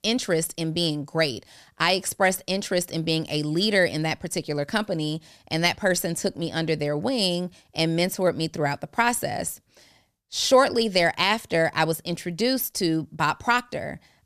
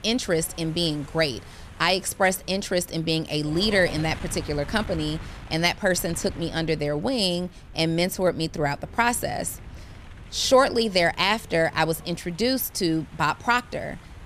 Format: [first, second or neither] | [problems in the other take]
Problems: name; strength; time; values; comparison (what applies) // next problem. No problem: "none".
first | wind noise on the microphone; occasional gusts; 20 dB below the speech